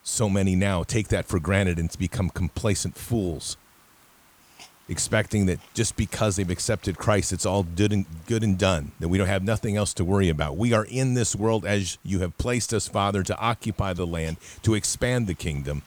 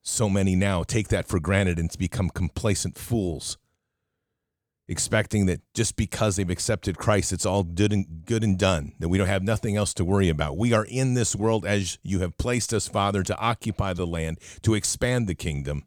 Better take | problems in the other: second | hiss; faint; throughout; 30 dB below the speech

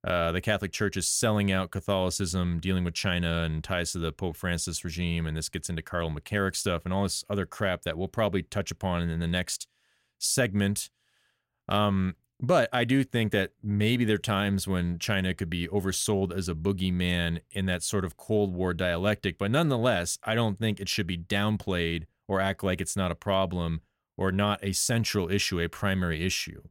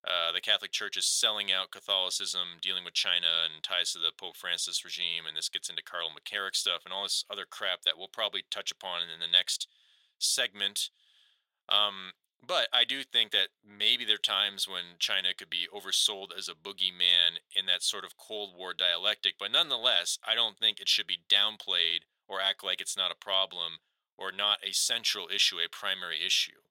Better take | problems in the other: first | thin; very; fading below 750 Hz

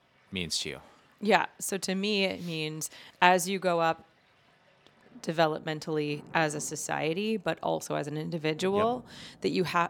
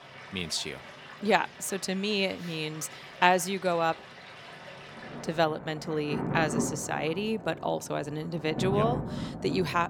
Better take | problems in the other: first | rain or running water; loud; throughout; 9 dB below the speech; faint in the first

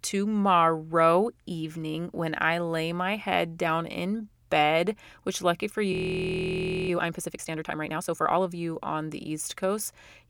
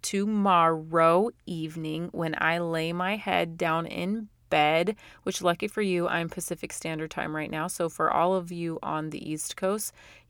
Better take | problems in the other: second | audio freezing; at 6 s for 1 s

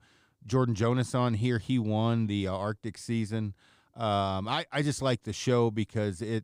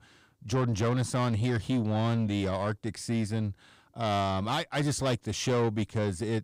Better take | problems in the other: first | distortion; slight; 10 dB below the speech

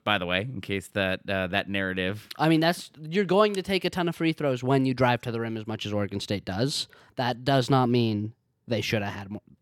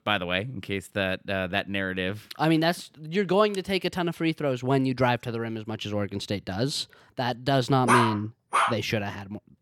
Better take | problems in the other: first | dog barking; loud; at 8 s; peak 4 dB above the speech

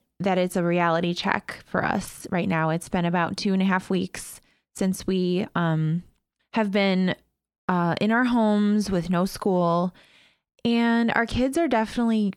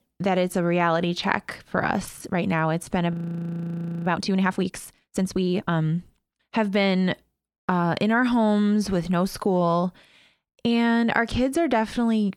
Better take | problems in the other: first | audio freezing; at 3 s for 1 s

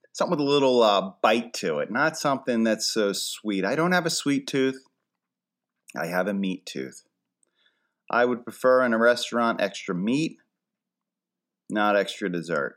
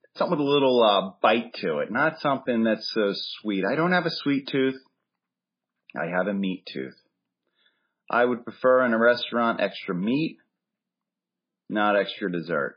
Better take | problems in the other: first | garbled, watery; badly; nothing above 5 kHz

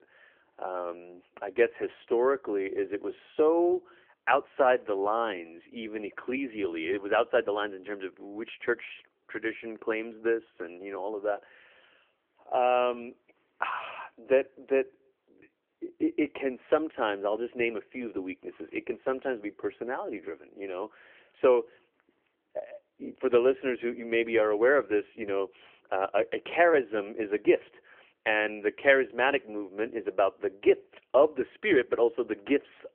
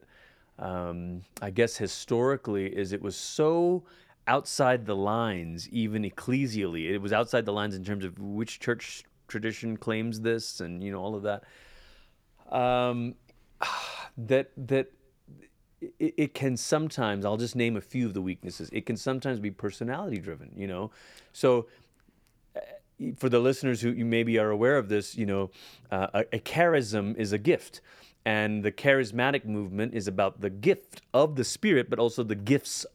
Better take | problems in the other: second | phone-call audio; nothing above 3 kHz

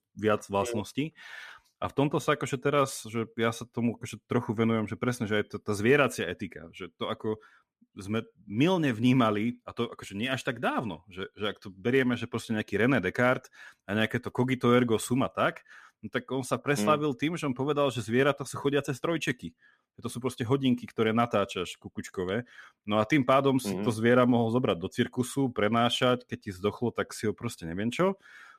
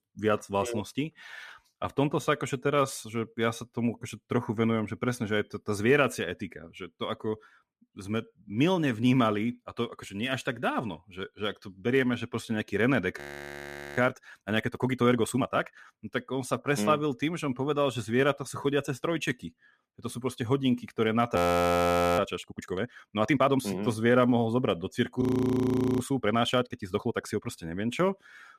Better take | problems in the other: first | audio freezing; at 13 s for 1 s, at 21 s for 1 s and at 25 s for 1 s

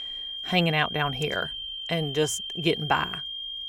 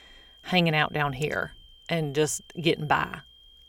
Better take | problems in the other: second | high-pitched whine; loud; throughout; 3 kHz, 6 dB below the speech; faint in the second

